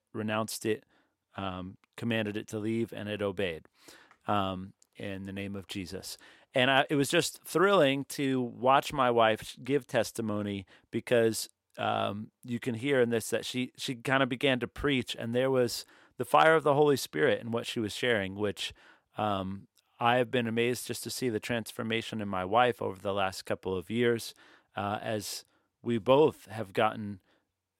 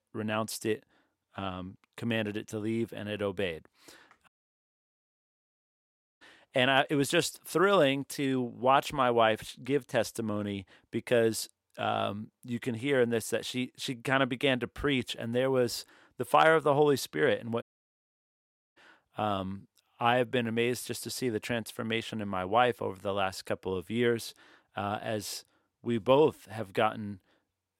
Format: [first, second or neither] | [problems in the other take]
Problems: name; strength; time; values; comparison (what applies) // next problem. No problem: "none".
first | audio cutting out; at 4.5 s for 2 s and at 18 s for 1 s